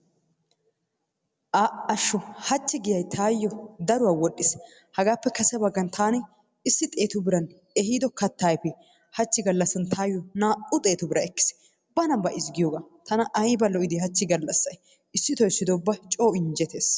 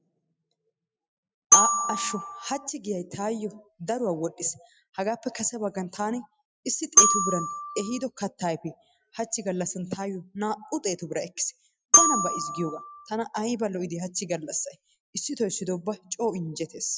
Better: first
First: none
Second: noise reduction (classical method Wiener filter)

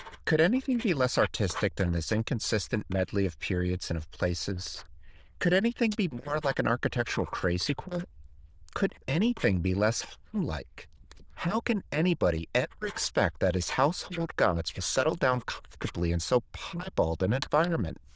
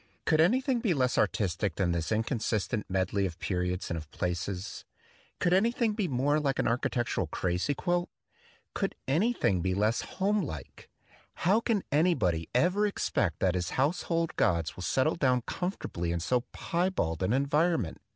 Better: second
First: noise reduction (neural diffusion model UNIVERSE++)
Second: none

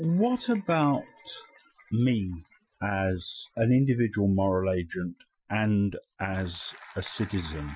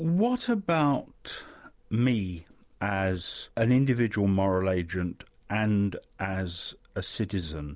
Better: second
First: noise reduction (classical method Wiener filter)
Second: none

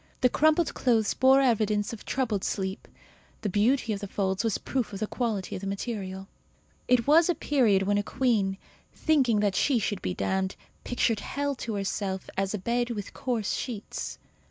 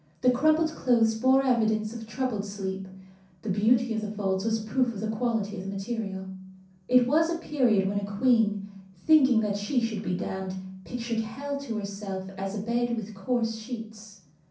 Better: first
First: none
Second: room echo; dies away in 0.6 s

